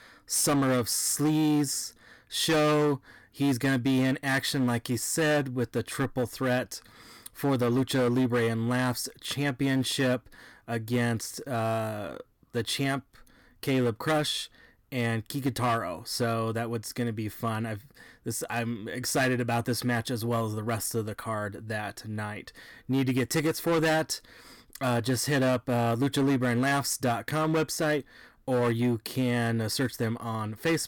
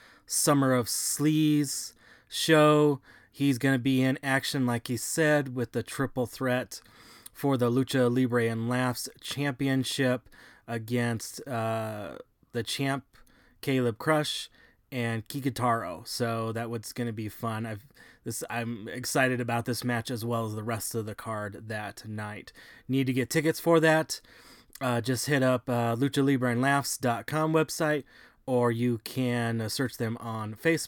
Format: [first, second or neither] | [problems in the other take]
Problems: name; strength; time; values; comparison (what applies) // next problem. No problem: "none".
second | distortion; slight; 9% of the sound clipped